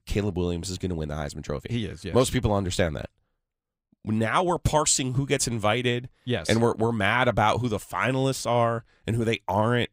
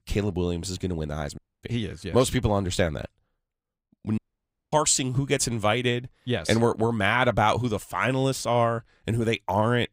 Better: first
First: none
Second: audio cutting out; at 1.5 s and at 4 s for 0.5 s

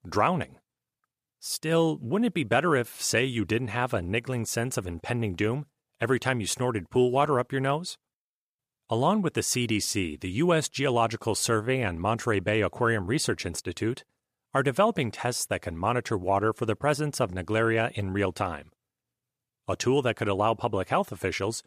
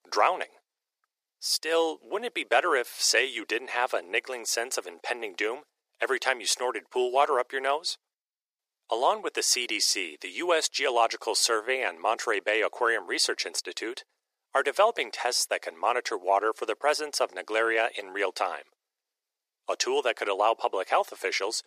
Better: first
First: none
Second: thin; very; fading below 400 Hz

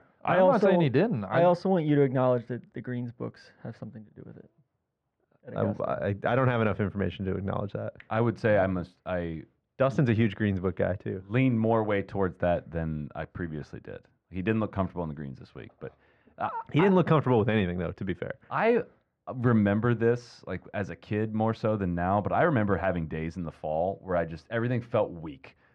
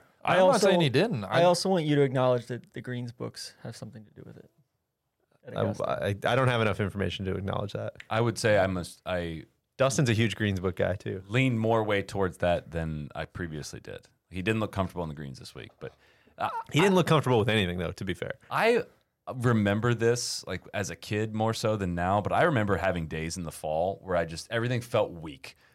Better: second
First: muffled; very; fading above 2 kHz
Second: none

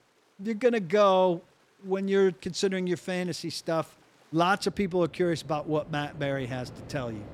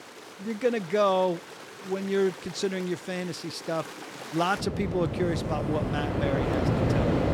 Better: first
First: rain or running water; faint; throughout; 25 dB below the speech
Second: rain or running water; loud; throughout; 1 dB below the speech

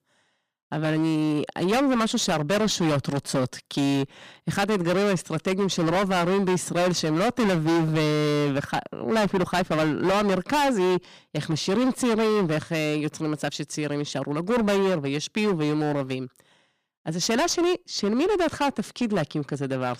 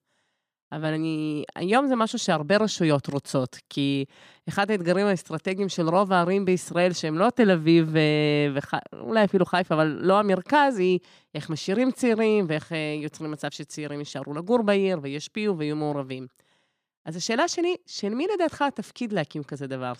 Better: second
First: distortion; heavy; 22% of the sound clipped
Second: none

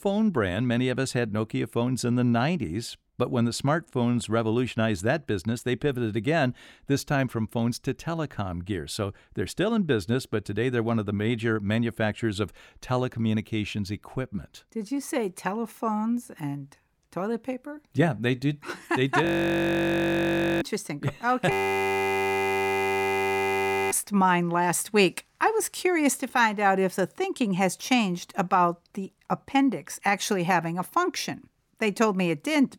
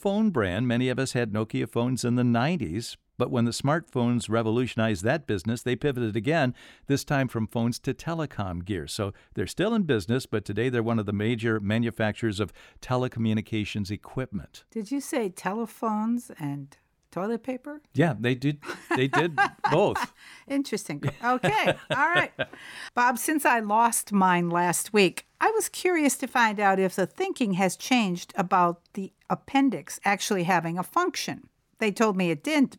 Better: second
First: audio freezing; at 19 s for 1.5 s and at 22 s for 2.5 s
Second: none

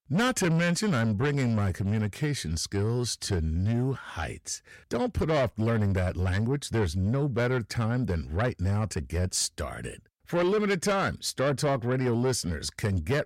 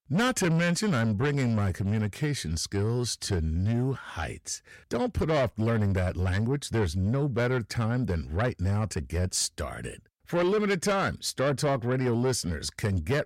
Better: neither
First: distortion; slight; 10 dB below the speech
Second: distortion; slight; 10 dB below the speech

